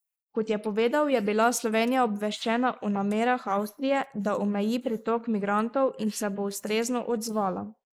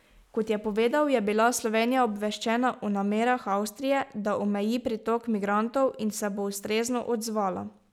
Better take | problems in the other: second | noise reduction (neural mask model Resemble Enhance denoiser)

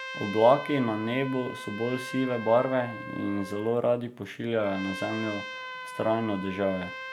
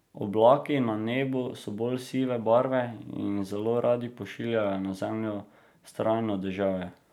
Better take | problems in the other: second | background sound (Trumpet); 11 dB below the speech

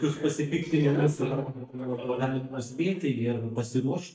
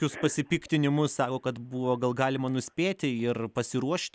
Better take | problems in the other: second | noise reduction (neural mask model DeepFilterNet 3)

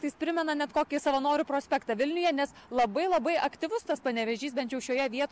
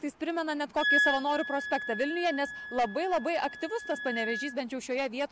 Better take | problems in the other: first | background sound (Wind instrument, woodwind instrument); 4 dB below the speech

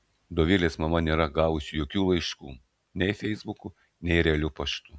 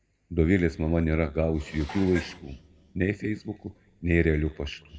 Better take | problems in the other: first | background sound (Dishes, pots, and pans); 19 dB below the speech // room echo; dies away in 2.2 s

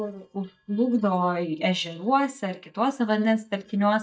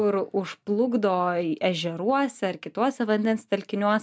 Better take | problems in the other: second | noise reduction (neural mask model DeepFilterNet 3)

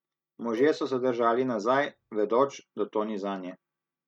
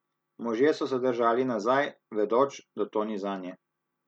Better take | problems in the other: second | noise reduction (neural mask model RNNoise)

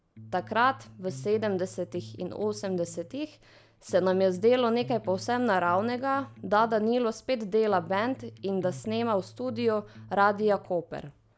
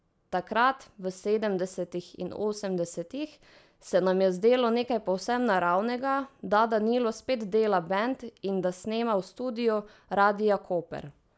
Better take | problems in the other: second | background sound (Electric guitar); 18 dB below the speech

